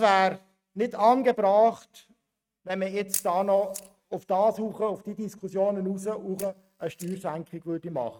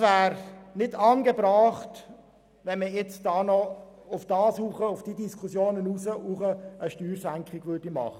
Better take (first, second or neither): second